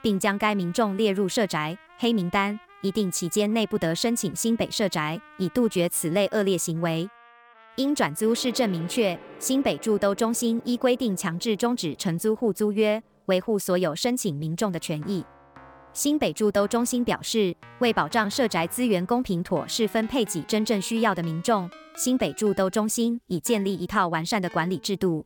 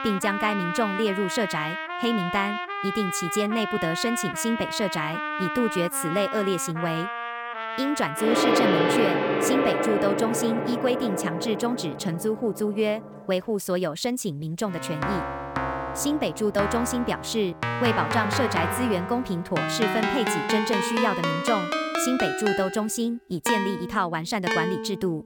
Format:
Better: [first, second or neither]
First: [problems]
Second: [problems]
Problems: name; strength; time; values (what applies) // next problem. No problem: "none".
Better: first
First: background music; faint; throughout; 25 dB below the speech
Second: background music; loud; throughout; 1 dB below the speech